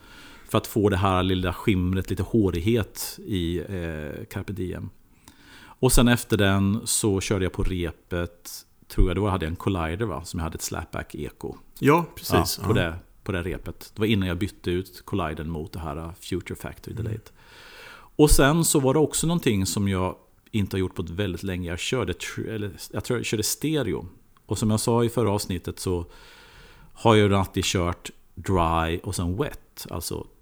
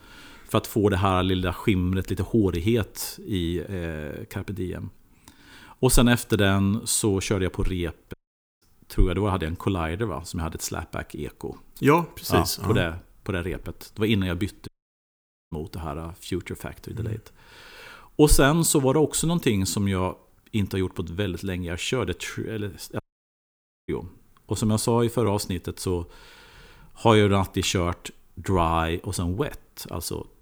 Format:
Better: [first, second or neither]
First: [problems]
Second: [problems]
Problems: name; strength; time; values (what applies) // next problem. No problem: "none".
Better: first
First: none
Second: audio cutting out; at 8 s, at 15 s for 1 s and at 23 s for 1 s